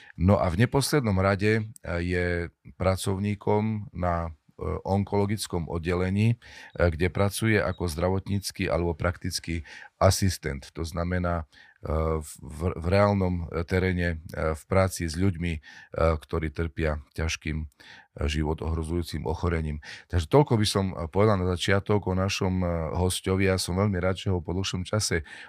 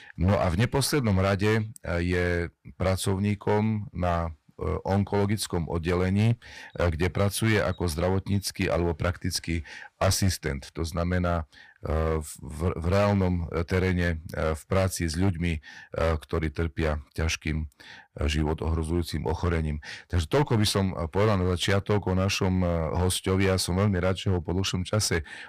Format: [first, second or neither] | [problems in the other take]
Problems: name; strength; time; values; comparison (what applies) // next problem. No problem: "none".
first | distortion; slight; 9% of the sound clipped